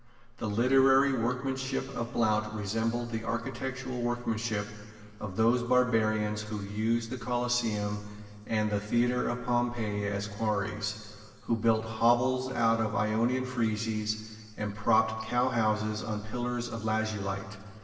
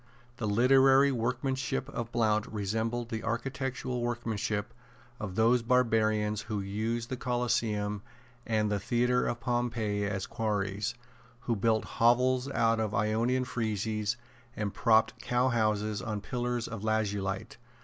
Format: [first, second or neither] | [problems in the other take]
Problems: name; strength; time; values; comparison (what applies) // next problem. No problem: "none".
second | room echo; dies away in 2 s